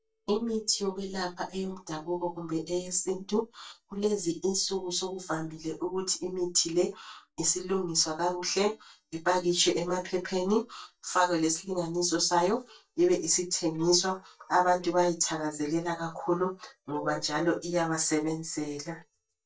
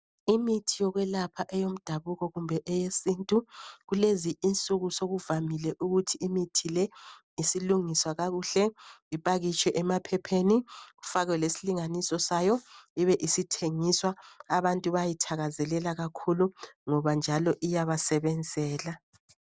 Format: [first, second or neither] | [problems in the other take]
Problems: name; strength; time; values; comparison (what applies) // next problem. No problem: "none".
second | noise reduction (neural mask model DeepFilterNet 3)